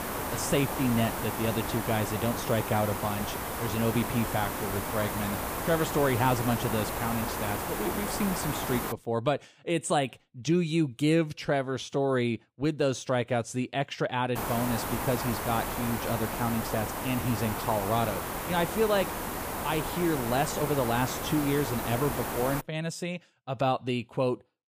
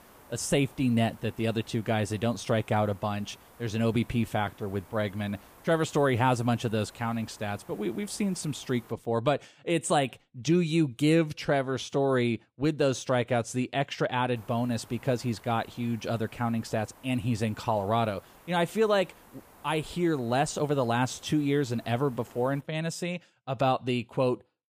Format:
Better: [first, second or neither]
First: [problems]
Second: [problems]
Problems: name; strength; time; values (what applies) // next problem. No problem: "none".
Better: second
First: hiss; loud; until 9 s and from 14 to 23 s; 3 dB below the speech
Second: hiss; faint; until 9 s and from 14 to 23 s; 25 dB below the speech